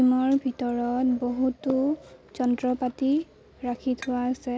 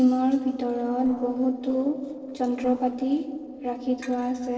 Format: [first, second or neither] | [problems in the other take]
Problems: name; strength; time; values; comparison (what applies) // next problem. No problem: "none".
first | noise reduction (neural separator model SepFormer DNS4)